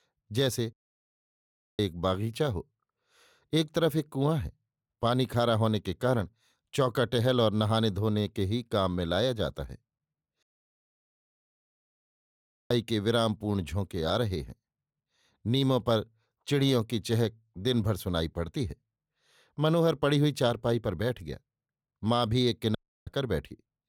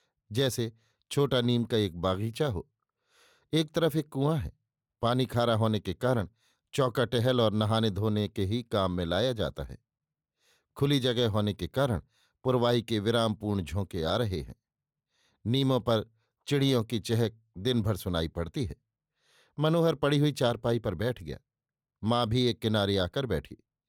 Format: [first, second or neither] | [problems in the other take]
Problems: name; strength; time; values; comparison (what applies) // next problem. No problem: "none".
second | audio cutting out; at 0.5 s for 1 s, at 10 s for 2.5 s and at 23 s